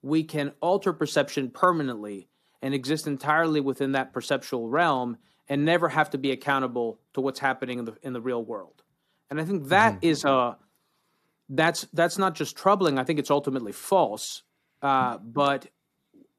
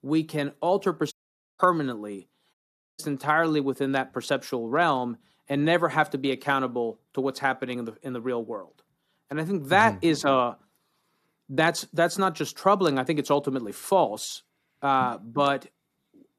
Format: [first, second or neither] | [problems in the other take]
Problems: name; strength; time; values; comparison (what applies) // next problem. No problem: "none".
first | audio cutting out; at 1 s and at 2.5 s